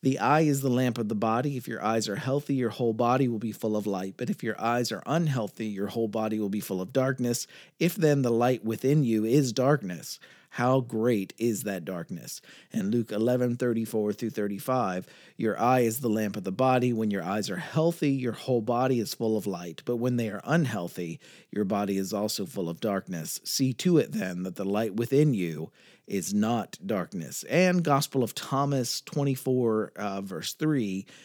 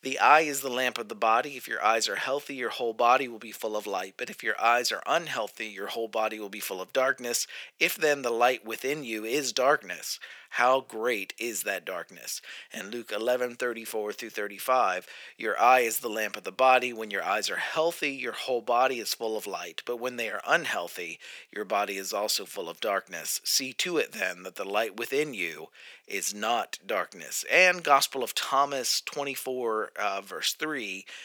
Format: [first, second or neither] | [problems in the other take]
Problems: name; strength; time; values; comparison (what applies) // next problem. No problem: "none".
first | thin; very; fading below 700 Hz